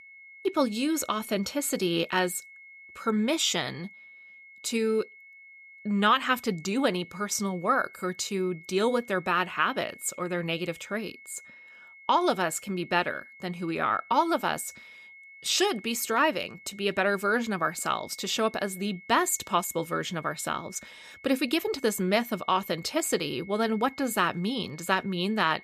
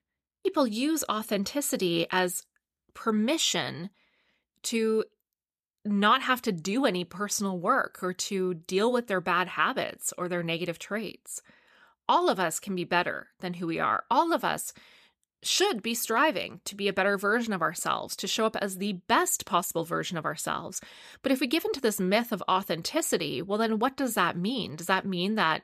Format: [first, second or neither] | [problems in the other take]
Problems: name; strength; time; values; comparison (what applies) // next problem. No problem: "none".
second | high-pitched whine; noticeable; throughout; 2 kHz, 20 dB below the speech